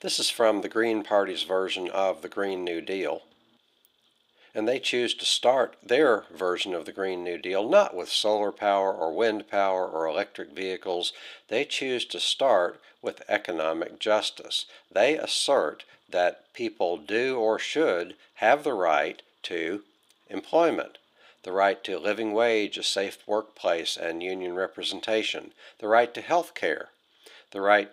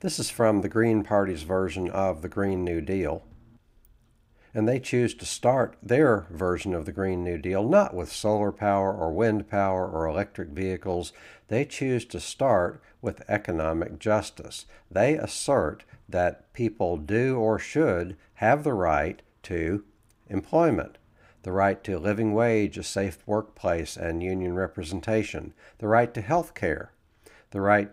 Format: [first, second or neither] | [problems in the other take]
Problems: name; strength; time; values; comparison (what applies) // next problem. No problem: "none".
second | thin; somewhat; fading below 450 Hz